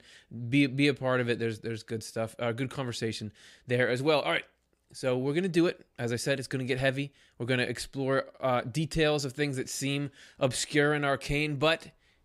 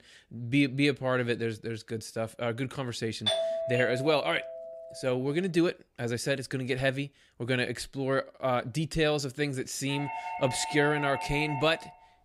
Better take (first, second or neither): first